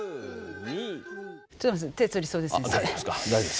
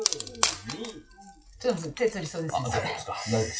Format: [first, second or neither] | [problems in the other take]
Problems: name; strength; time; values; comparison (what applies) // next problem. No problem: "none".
first | noise reduction (classical method WPE with log-MMSE)